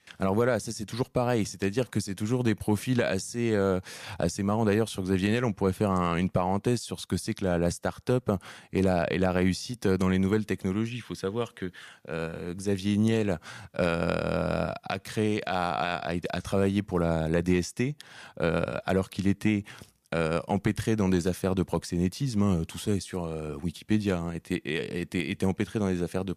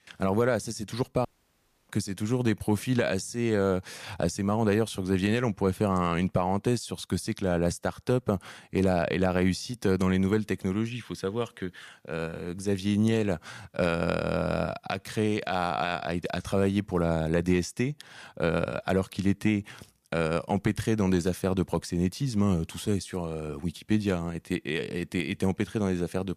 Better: first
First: none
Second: audio cutting out; at 1.5 s for 0.5 s

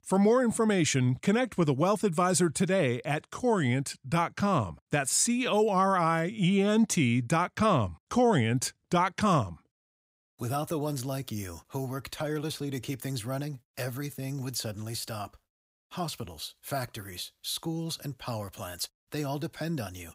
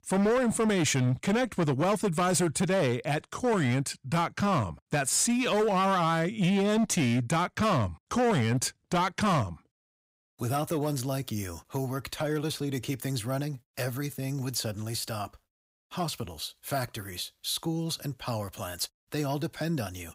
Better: first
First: none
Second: distortion; slight; 10% of the sound clipped

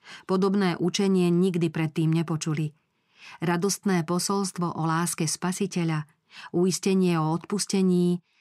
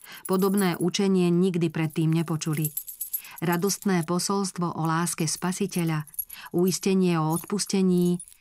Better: first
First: none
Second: household noises; noticeable; throughout; 10 dB below the speech

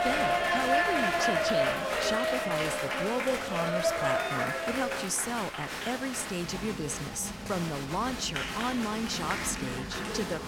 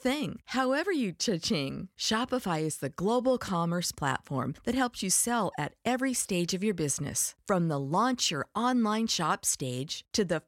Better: second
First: crowd noise; very loud; throughout; 3 dB above the speech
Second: none

